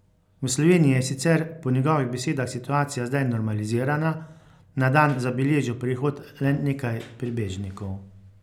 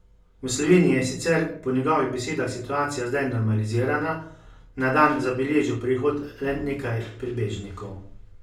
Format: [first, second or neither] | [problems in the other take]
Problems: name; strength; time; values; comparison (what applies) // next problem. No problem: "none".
first | room echo; dies away in 0.4 s